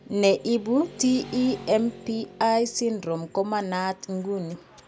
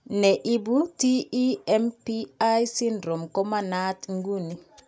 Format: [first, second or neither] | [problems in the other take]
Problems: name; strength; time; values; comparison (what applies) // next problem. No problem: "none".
second | background sound (Motorcycle / Traffic noise, roadway noise); 19 dB below the speech